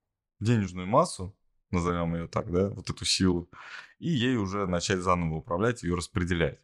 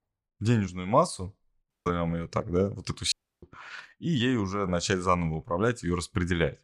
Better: first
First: none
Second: audio cutting out; at 1.5 s and at 3 s

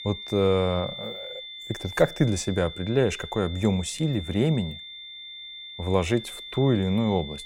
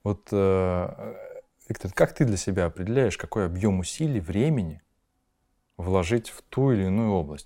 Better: second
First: high-pitched whine; noticeable; throughout; 3.5 kHz, 10 dB below the speech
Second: none

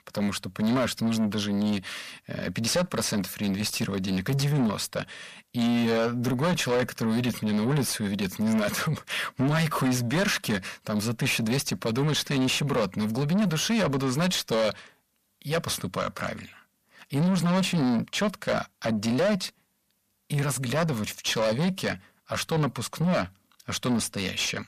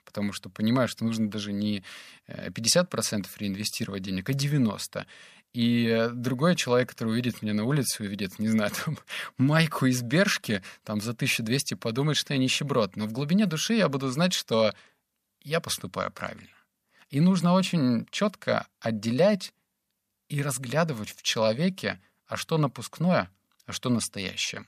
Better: second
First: distortion; heavy; 7 dB below the speech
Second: none

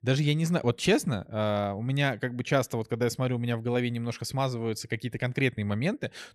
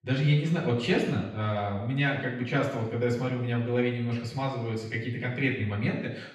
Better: first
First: none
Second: room echo; noticeable; dies away in 0.9 s // off-mic speech; far

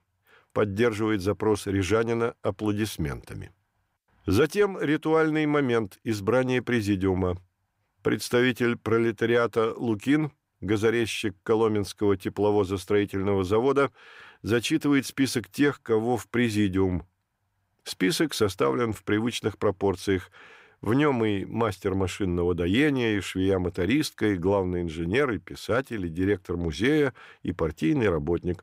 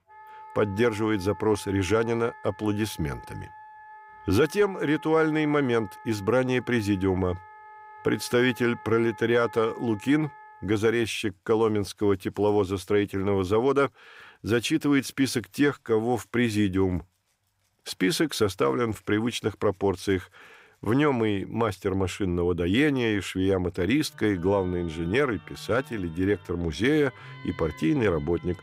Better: first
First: none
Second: background music; noticeable; throughout; 20 dB below the speech

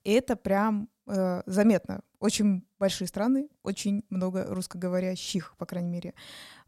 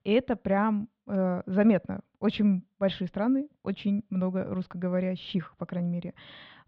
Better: first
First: none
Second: muffled; very; fading above 3.5 kHz

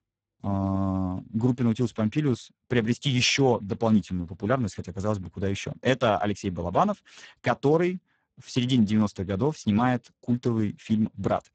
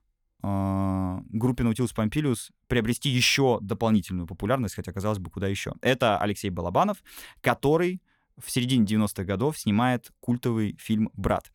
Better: second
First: garbled, watery; badly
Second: none

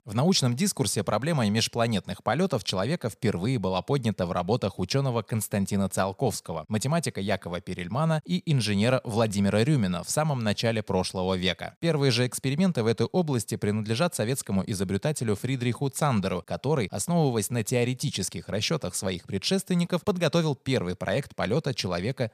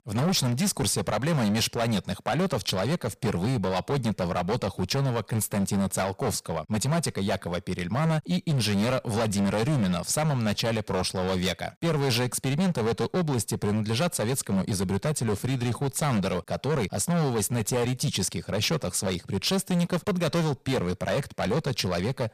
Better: first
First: none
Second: distortion; heavy; 19% of the sound clipped

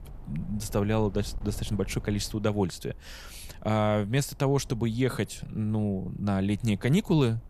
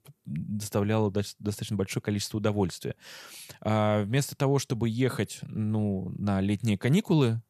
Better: second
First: wind noise on the microphone; occasional gusts; 25 dB below the speech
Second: none

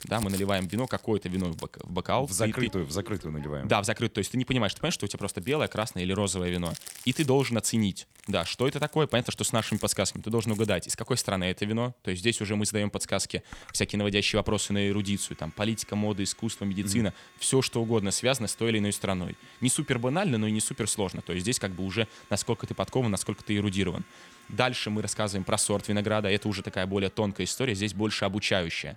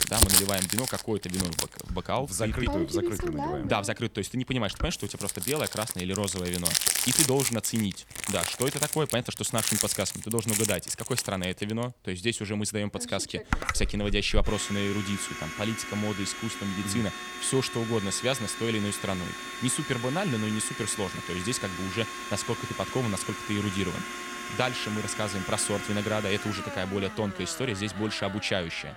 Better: first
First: household noises; faint; throughout; 20 dB below the speech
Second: household noises; loud; throughout; 1 dB below the speech

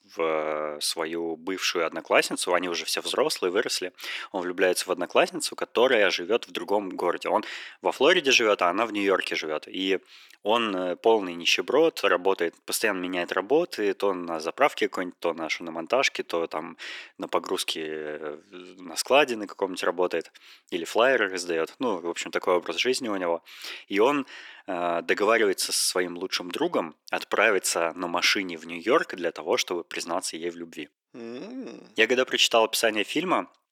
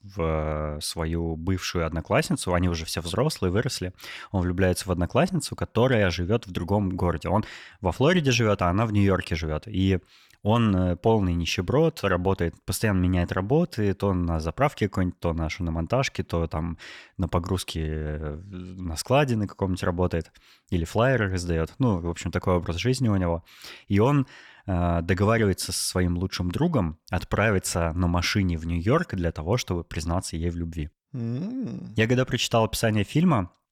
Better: second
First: thin; somewhat; fading below 350 Hz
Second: none

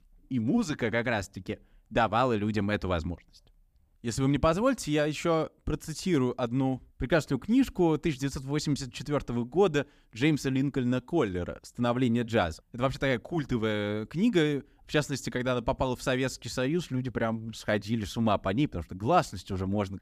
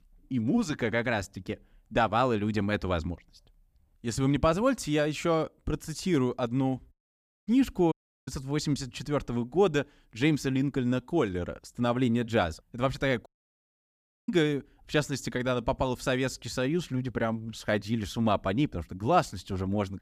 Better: first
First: none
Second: audio cutting out; at 7 s for 0.5 s, at 8 s and at 13 s for 1 s

